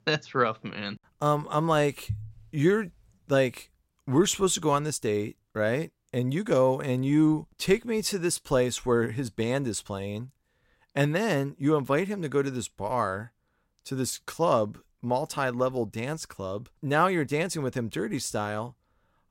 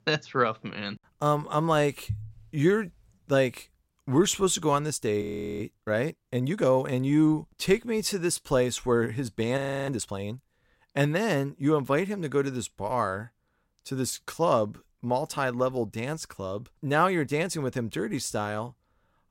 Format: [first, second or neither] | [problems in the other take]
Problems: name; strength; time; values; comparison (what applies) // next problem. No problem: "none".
first | audio freezing; at 5 s and at 9.5 s